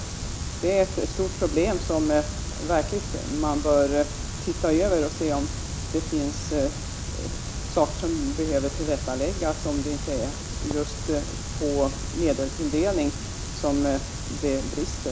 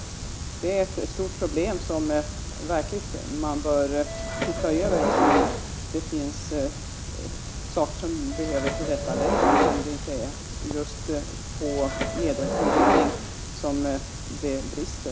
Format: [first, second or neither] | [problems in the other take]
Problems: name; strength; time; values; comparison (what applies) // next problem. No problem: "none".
first | background sound (Subway, metro, underground); 3 dB above the speech